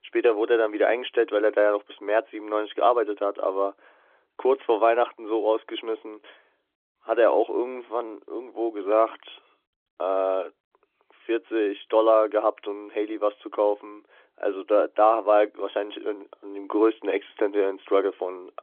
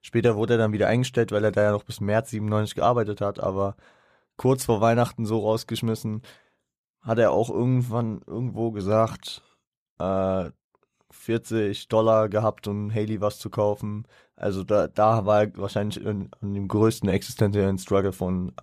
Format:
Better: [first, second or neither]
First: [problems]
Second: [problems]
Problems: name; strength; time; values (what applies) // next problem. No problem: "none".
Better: second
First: phone-call audio; nothing above 3.5 kHz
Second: none